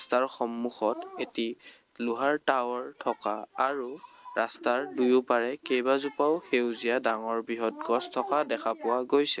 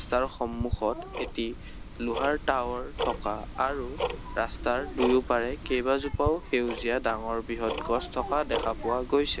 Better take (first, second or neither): first